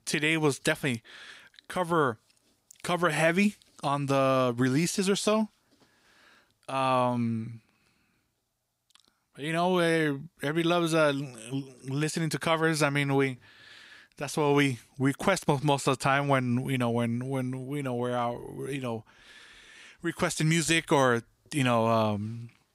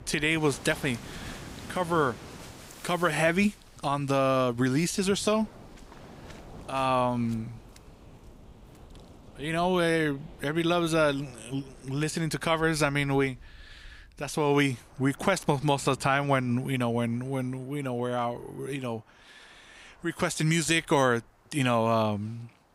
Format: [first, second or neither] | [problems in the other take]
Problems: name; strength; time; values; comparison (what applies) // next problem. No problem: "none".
first | rain or running water; faint; throughout; 20 dB below the speech